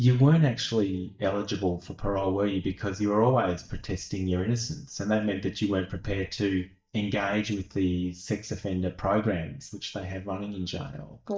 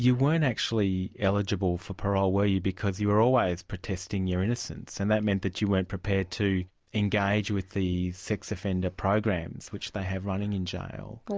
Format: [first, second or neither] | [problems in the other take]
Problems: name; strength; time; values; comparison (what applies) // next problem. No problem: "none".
second | noise reduction (neural mask model DeepFilterNet 3)